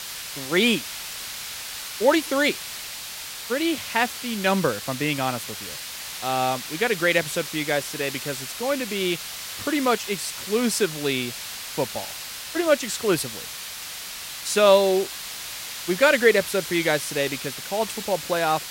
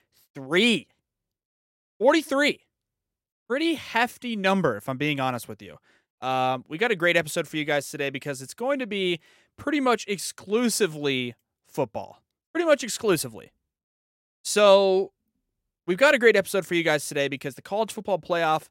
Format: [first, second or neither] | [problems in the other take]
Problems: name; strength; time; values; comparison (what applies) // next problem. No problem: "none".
second | hiss; loud; throughout; 8 dB below the speech